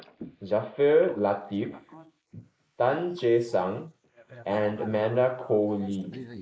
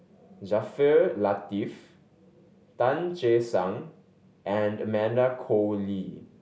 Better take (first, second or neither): second